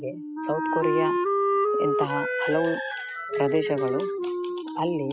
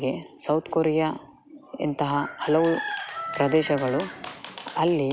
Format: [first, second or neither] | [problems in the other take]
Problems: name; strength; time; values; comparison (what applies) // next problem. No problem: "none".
second | noise reduction (classical method spectral subtraction)